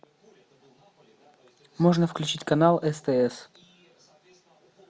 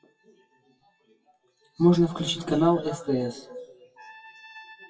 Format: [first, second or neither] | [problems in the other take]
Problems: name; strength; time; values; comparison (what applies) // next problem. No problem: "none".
first | noise reduction (classical method WPE with log-MMSE)